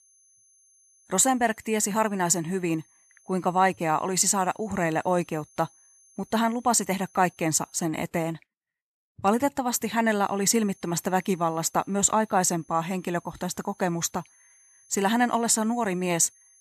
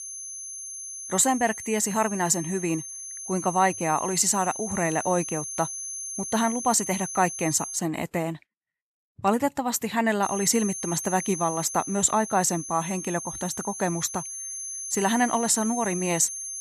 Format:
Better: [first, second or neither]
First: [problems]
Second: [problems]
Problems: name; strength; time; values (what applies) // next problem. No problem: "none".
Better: first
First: high-pitched whine; faint; until 8 s and from 10 s on; 6.5 kHz, 30 dB below the speech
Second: high-pitched whine; loud; until 8 s and from 10 s on; 6.5 kHz, 7 dB below the speech